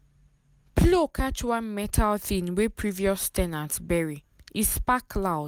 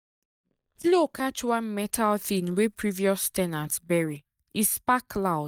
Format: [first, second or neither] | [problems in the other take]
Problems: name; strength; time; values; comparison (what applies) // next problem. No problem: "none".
first | noise reduction (neural mask model DeepFilterNet 3)